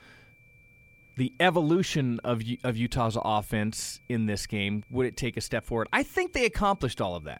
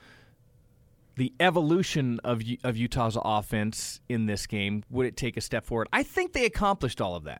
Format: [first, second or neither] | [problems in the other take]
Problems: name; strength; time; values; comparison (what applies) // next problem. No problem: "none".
second | high-pitched whine; faint; throughout; 2.5 kHz, 30 dB below the speech